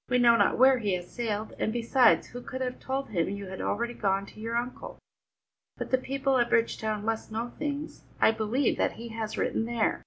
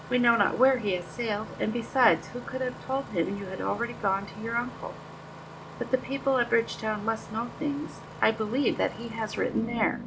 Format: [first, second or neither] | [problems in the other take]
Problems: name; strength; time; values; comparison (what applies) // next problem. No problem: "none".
first | background sound (Engine starting); 13 dB below the speech